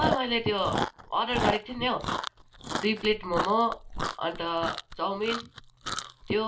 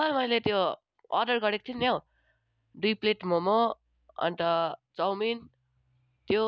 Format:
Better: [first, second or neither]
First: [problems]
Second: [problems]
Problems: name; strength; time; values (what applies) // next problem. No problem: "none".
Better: second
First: background sound (Chewing, mastication); 4 dB below the speech // room echo; dies away in 0.2 s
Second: none